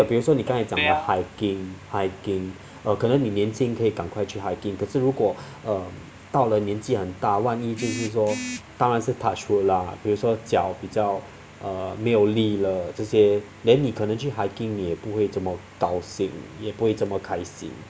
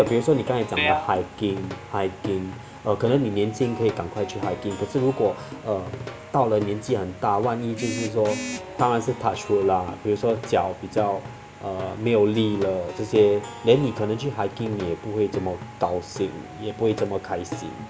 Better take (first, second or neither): first